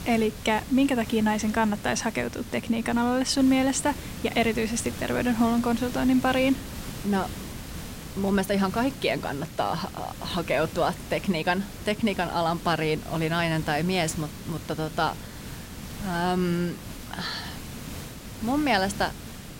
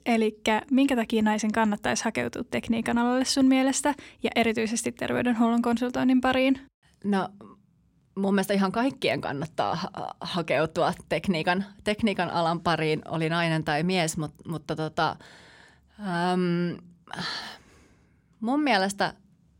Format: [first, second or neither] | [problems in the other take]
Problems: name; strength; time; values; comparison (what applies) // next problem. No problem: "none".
second | hiss; noticeable; throughout; 10 dB below the speech